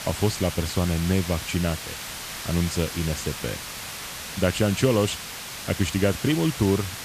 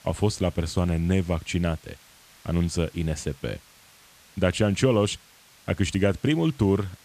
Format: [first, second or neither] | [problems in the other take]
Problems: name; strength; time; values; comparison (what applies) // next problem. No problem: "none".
second | hiss; loud; throughout; 8 dB below the speech; faint in the second